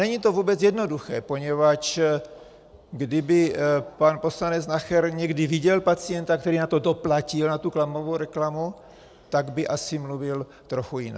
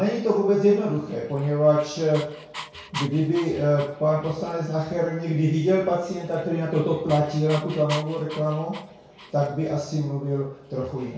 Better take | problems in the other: first | background sound (Dog); 19 dB below the speech // room echo; dies away in 0.6 s

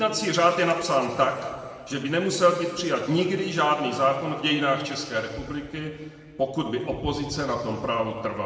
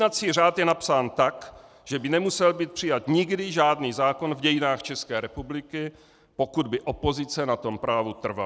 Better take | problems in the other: second | room echo; dies away in 1.7 s

